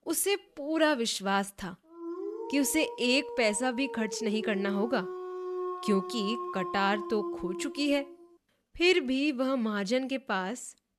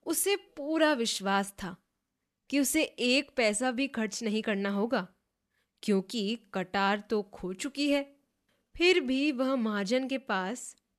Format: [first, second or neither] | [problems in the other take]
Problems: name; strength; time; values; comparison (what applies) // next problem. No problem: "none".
second | dog barking; noticeable; from 2 to 8 s; peak 6 dB below the speech